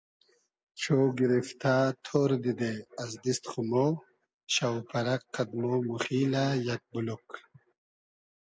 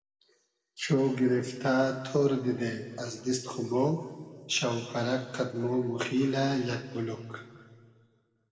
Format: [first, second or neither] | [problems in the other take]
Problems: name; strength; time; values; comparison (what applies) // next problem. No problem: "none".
first | room echo; dies away in 1.8 s